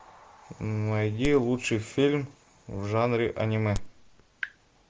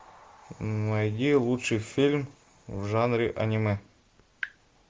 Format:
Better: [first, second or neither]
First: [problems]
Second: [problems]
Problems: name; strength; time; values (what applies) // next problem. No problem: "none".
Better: second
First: background sound (Crack); 12 dB below the speech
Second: none